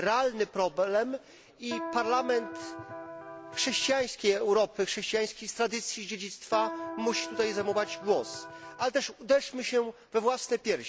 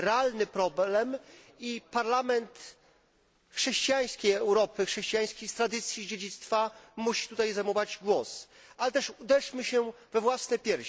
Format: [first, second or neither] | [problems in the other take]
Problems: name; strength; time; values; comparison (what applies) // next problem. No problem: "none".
second | background sound (Electric guitar); 9 dB below the speech